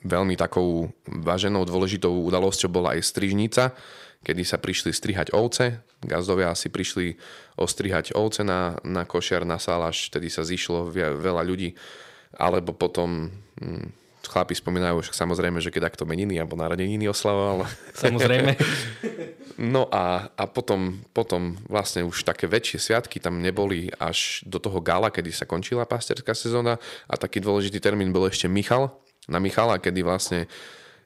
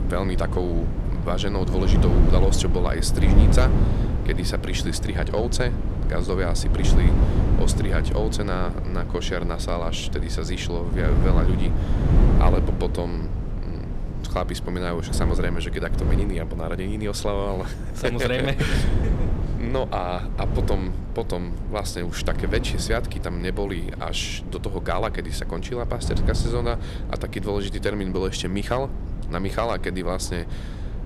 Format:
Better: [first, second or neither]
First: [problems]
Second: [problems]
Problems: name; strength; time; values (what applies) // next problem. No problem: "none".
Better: first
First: none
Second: wind noise on the microphone; heavy; 7 dB below the speech